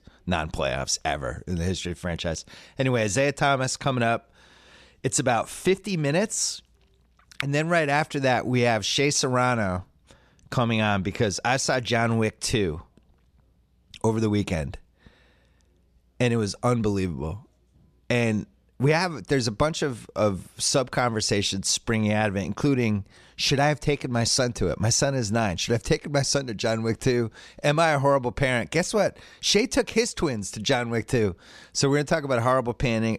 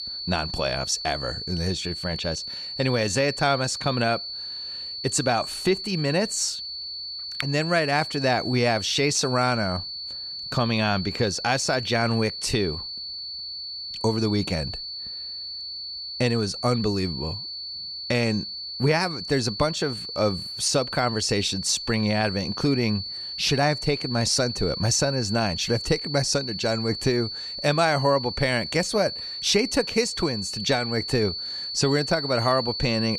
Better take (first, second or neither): first